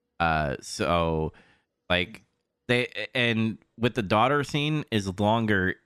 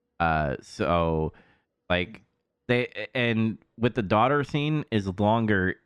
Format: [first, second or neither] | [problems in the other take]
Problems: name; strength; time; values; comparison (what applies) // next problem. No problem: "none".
first | muffled; slightly; fading above 2 kHz